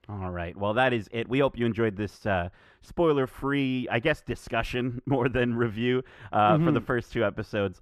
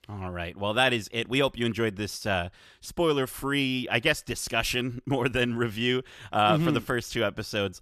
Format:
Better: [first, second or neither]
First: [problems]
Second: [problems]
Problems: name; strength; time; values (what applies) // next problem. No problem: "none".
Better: second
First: muffled; very; fading above 3 kHz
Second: none